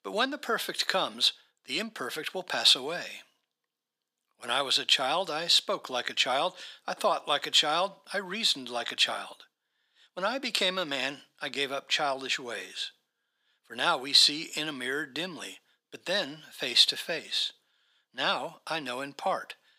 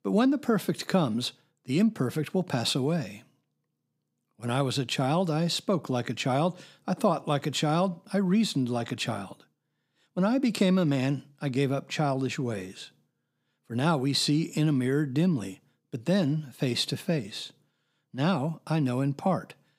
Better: second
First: thin; very; fading below 650 Hz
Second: none

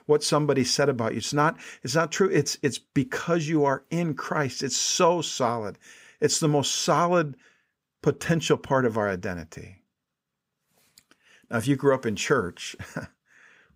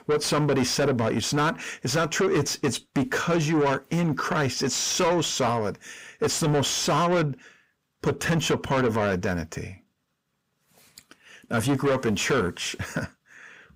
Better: first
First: none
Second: distortion; heavy; 6 dB below the speech

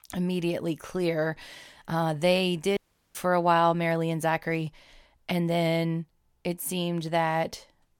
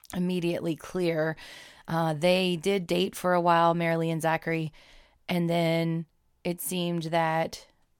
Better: second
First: audio cutting out; at 3 s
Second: none

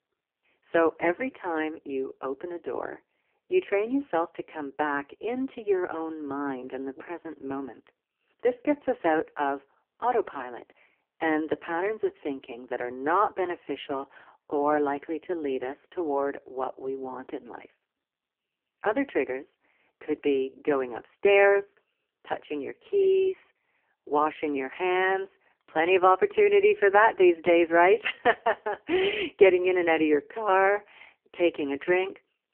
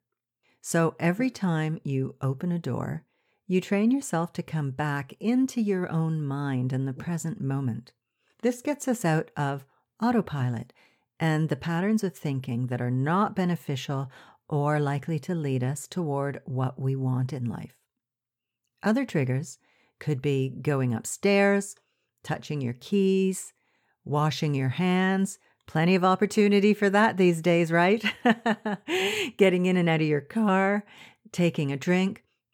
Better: second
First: phone-call audio; poor line; nothing above 3 kHz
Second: none

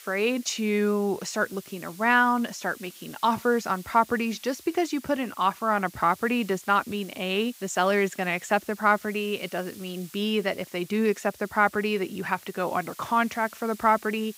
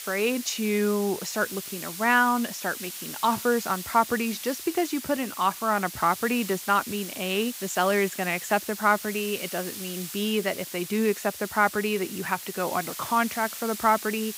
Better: first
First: hiss; faint; throughout; 20 dB below the speech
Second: hiss; loud; throughout; 9 dB below the speech

